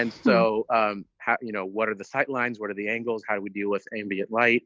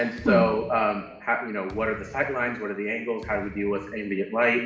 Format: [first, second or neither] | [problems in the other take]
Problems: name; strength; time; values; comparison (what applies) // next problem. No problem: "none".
first | background sound (Thump, thud); 20 dB below the speech // room echo; dies away in 0.9 s